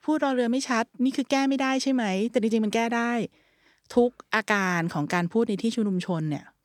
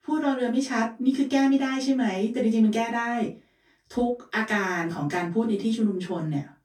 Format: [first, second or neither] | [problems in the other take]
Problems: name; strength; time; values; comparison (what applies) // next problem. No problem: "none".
first | off-mic speech; far // room echo; slight; dies away in 0.2 s